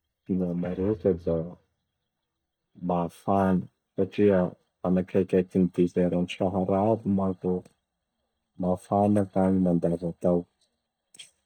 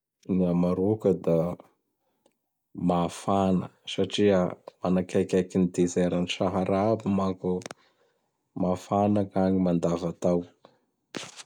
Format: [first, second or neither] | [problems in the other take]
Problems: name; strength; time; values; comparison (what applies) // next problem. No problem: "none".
second | noise reduction (neural mask model DeepFilterNet 3)